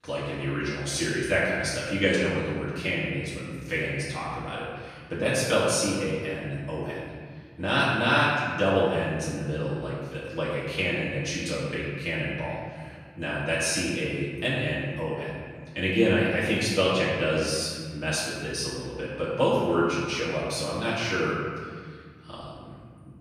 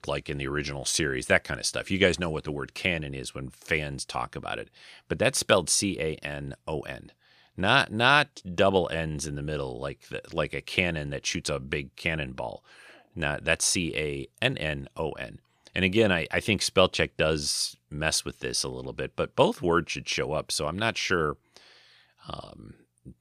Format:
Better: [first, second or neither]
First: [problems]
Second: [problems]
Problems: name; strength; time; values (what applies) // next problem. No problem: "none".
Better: second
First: off-mic speech; far // room echo; strong; dies away in 1.8 s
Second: none